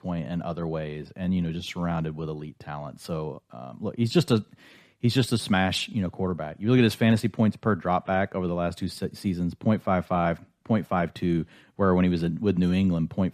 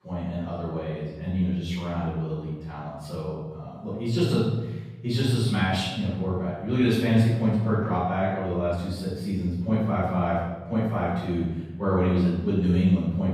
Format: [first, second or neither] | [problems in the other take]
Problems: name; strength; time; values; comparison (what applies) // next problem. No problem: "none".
first | off-mic speech; far // room echo; strong; dies away in 1.1 s